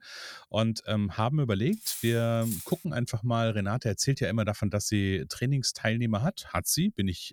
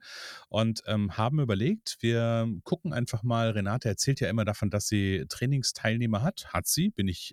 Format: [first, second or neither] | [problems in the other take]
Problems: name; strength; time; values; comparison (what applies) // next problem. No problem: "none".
second | clattering dishes; noticeable; from 1.5 to 3 s; peak 6 dB below the speech